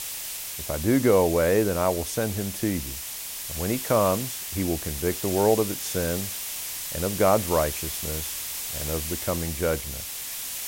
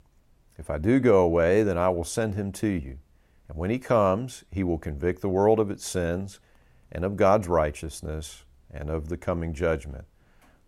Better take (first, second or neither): second